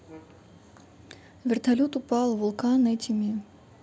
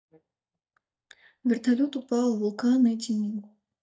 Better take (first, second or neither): first